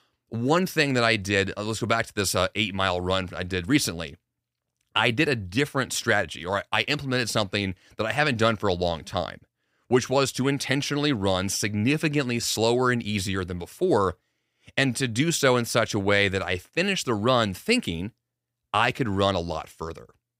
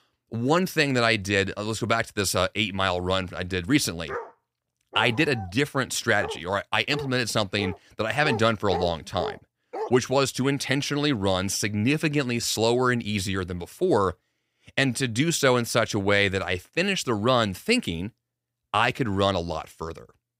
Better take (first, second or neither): first